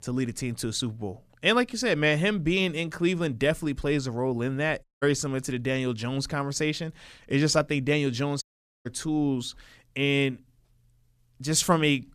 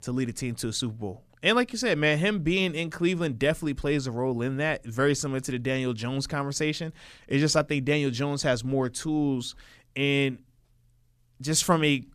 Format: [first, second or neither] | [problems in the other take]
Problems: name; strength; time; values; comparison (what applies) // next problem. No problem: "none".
second | audio cutting out; at 5 s and at 8.5 s